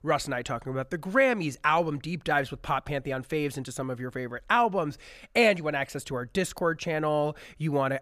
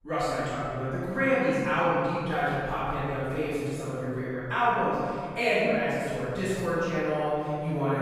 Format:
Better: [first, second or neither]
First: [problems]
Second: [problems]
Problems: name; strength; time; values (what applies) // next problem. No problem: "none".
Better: first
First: none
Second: off-mic speech; far // room echo; strong; dies away in 2.2 s